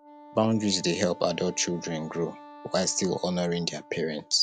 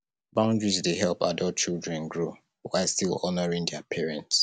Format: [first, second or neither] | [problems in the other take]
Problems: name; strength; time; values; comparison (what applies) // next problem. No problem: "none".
second | background sound (Wind instrument, woodwind instrument); 19 dB below the speech